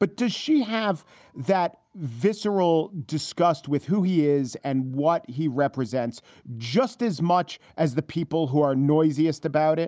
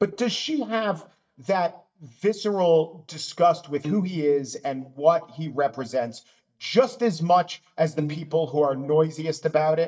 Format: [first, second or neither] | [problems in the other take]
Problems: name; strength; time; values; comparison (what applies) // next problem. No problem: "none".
first | noise reduction (neural mask model DeepFilterNet 3)